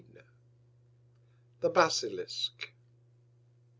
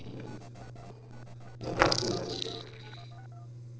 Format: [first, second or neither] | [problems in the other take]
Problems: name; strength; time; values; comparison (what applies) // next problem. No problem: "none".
first | noise reduction (neural separator model SepFormer DNS4)